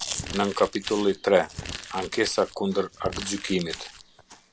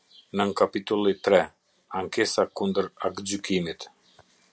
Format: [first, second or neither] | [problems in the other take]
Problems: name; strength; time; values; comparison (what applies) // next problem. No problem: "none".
second | background sound (Chewing, mastication + Crumpling, crinkling); 11 dB below the speech